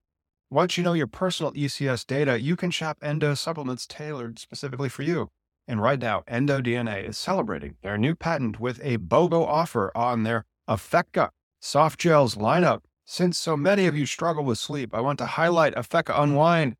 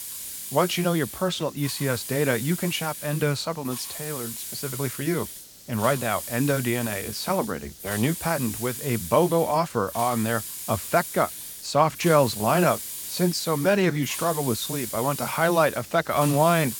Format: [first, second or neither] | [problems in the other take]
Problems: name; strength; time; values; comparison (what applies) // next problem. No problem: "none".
first | hiss; loud; throughout; 8 dB below the speech